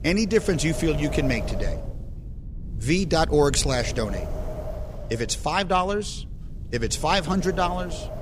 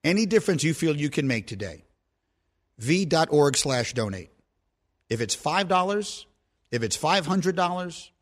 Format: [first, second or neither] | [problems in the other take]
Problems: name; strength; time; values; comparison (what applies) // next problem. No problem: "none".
second | wind noise on the microphone; occasional gusts; 15 dB below the speech